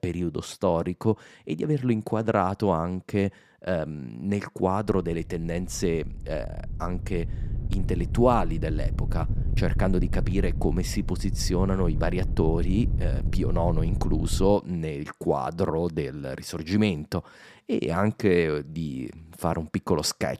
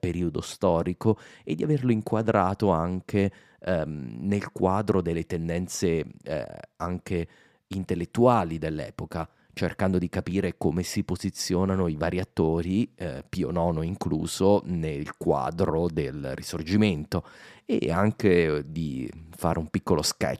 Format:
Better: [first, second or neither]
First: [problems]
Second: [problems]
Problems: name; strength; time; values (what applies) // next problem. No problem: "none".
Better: second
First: wind noise on the microphone; occasional gusts; from 5 to 14 s; 15 dB below the speech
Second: none